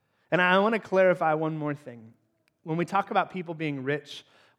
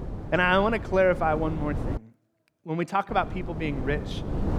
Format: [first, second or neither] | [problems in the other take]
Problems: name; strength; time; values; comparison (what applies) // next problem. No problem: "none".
first | wind noise on the microphone; occasional gusts; until 2 s and from 3 s on; 15 dB below the speech